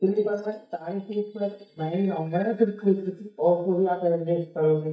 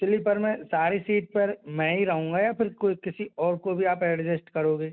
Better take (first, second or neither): second